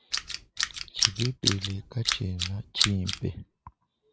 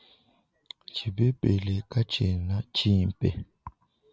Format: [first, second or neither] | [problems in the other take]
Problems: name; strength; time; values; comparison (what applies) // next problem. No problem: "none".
second | background sound (Tools); 2 dB above the speech